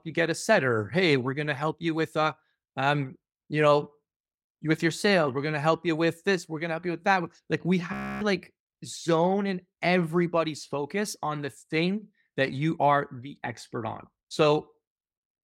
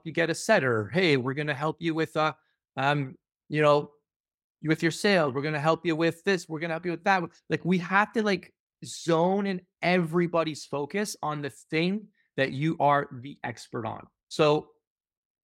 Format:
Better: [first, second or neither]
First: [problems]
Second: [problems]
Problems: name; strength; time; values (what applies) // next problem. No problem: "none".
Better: second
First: audio freezing; at 8 s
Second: none